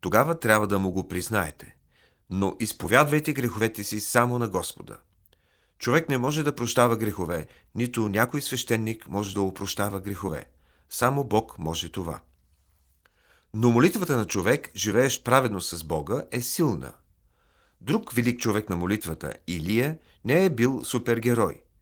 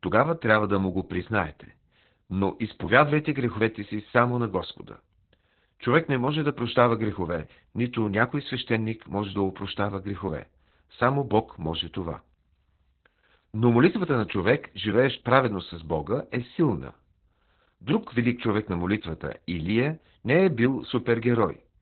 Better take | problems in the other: first | garbled, watery; badly; nothing above 4 kHz; slightly in the first

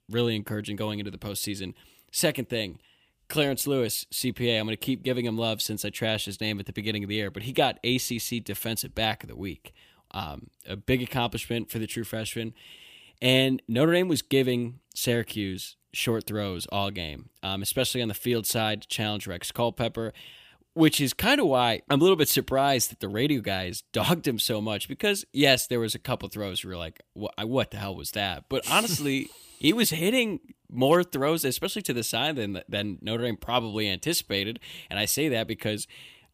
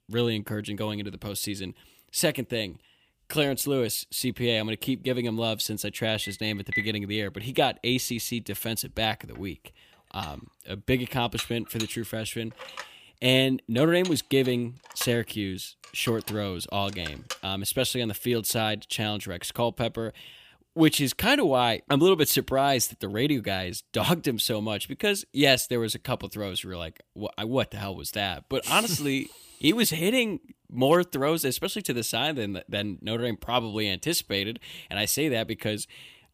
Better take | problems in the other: first | phone ringing; noticeable; at 6 s; peak 3 dB below the speech // clattering dishes; noticeable; from 10 to 17 s; peak 10 dB below the speech

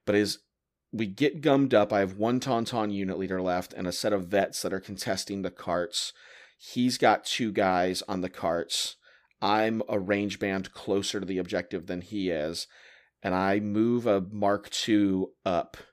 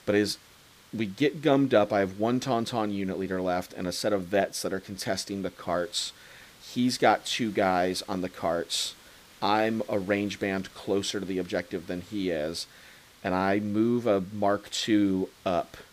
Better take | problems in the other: first | hiss; faint; throughout; 25 dB below the speech

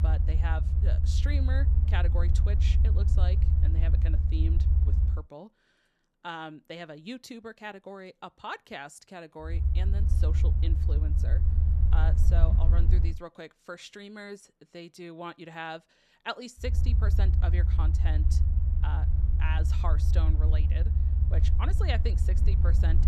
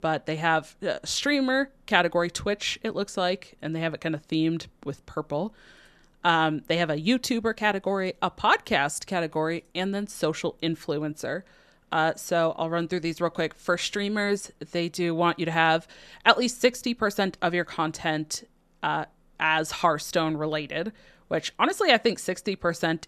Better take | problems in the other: second | low rumble; loud; until 5 s, from 9.5 to 13 s and from 17 s on; 4 dB below the speech

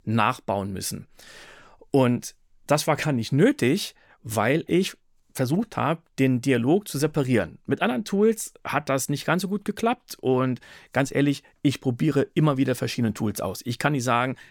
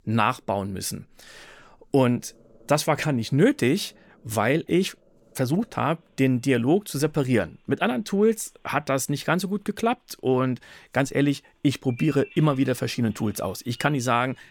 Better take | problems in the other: first | animal sounds; faint; throughout; 25 dB below the speech

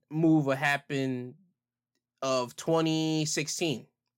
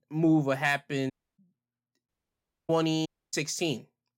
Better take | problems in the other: first | audio cutting out; at 1 s, at 2 s for 0.5 s and at 3 s

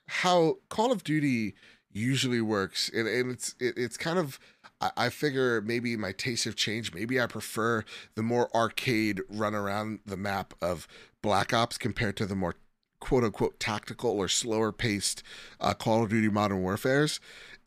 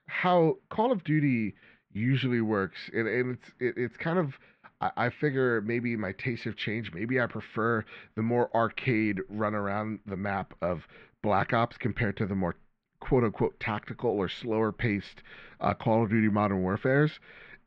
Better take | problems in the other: first | muffled; very; fading above 2.5 kHz

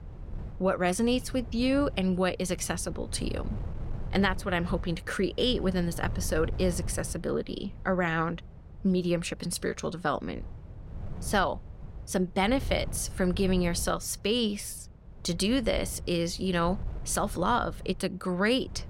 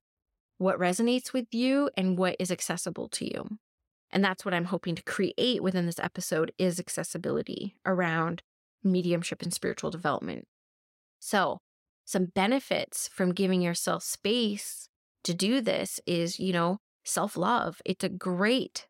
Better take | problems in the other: second | wind noise on the microphone; occasional gusts; 20 dB below the speech

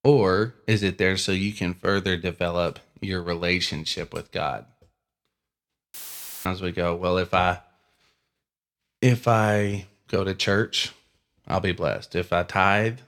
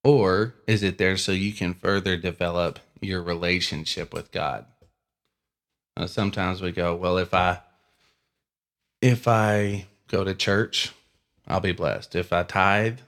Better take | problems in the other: second | audio cutting out; filled with static; at 6 s for 0.5 s

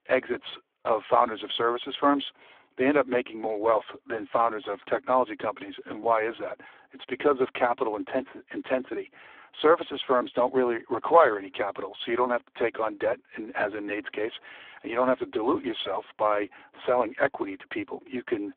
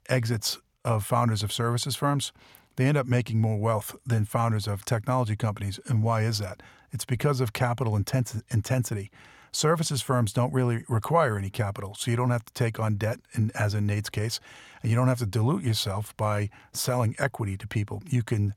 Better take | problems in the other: second | phone-call audio; poor line; nothing above 3.5 kHz

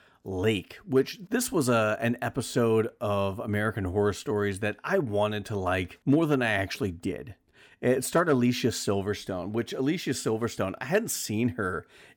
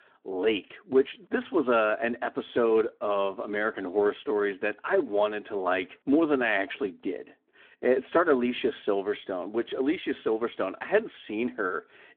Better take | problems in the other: first | phone-call audio

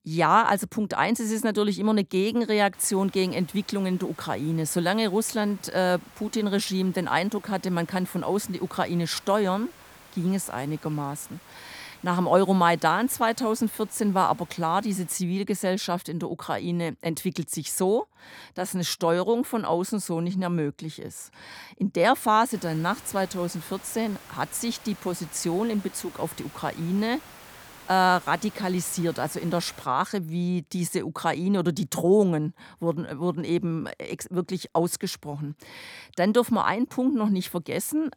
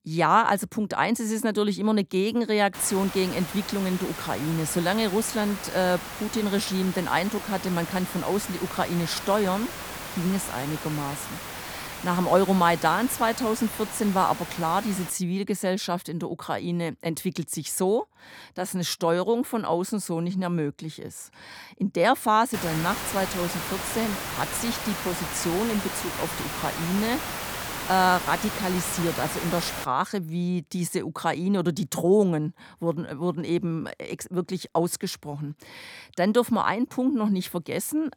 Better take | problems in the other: first | hiss; loud; from 2.5 to 15 s and from 23 to 30 s; 7 dB below the speech; faint in the first

